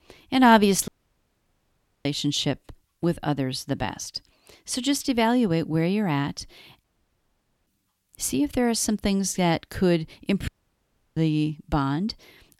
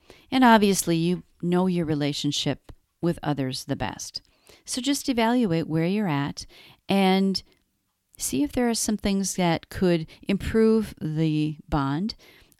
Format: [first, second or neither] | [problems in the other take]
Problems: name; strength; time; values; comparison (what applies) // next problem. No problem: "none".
second | audio cutting out; at 1 s for 1 s, at 7 s for 1 s and at 10 s for 0.5 s